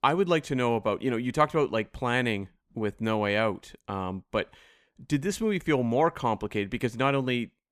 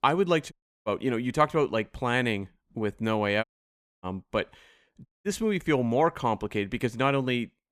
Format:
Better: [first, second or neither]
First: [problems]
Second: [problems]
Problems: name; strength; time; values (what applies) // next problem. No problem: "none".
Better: first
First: none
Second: audio cutting out; at 0.5 s, at 3.5 s for 0.5 s and at 5 s